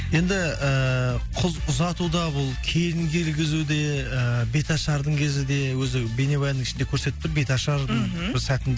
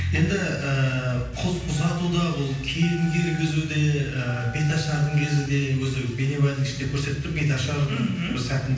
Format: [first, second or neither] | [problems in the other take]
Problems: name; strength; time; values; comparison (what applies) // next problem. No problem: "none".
first | background sound (Telephone); 18 dB below the speech // room echo; dies away in 0.9 s